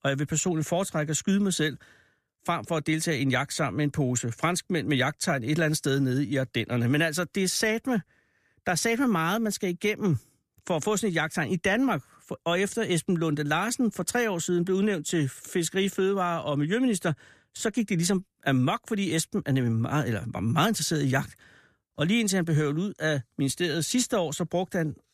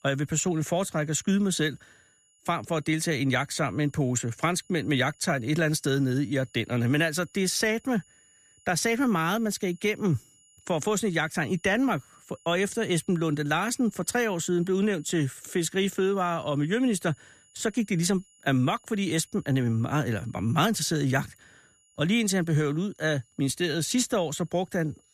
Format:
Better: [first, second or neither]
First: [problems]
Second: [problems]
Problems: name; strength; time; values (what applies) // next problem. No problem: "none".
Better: first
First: none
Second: high-pitched whine; faint; throughout; 7 kHz, 30 dB below the speech